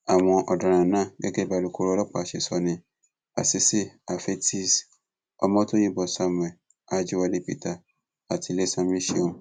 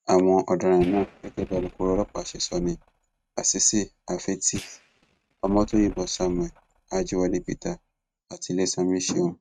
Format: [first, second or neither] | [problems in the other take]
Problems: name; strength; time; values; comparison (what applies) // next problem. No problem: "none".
first | noise reduction (neural mask model RNNoise)